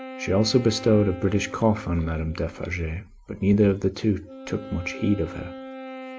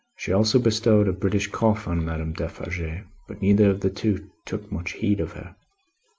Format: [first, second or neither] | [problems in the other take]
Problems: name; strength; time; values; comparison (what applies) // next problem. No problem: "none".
second | background sound (Wind instrument, woodwind instrument); 15 dB below the speech